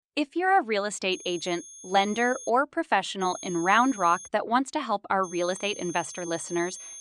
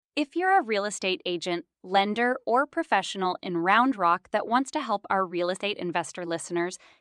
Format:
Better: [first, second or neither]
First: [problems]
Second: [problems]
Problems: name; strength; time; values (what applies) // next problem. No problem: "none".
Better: second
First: high-pitched whine; noticeable; from 1 to 2.5 s, from 3 to 4.5 s and from 5 s on; 6.5 kHz, 15 dB below the speech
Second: none